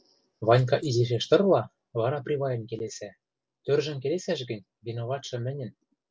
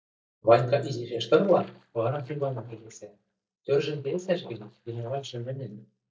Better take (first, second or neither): first